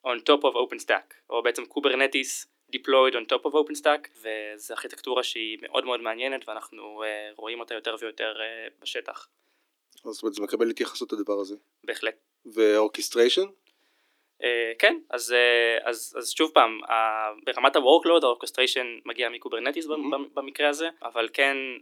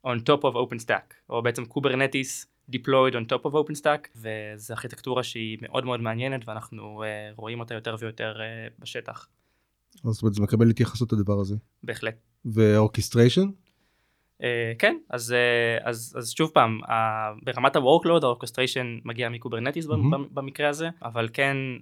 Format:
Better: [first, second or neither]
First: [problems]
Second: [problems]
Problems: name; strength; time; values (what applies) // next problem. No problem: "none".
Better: second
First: thin; somewhat; fading below 300 Hz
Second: none